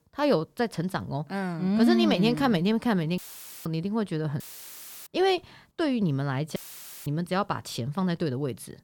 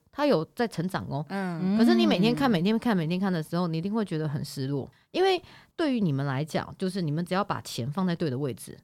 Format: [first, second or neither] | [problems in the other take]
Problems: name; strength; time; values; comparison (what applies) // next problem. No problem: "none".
second | audio cutting out; filled with static; at 3 s, at 4.5 s for 0.5 s and at 6.5 s for 0.5 s